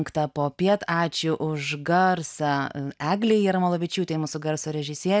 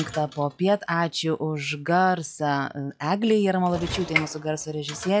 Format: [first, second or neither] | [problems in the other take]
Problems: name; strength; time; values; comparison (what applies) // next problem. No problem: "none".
first | noise reduction (classical method log-MMSE)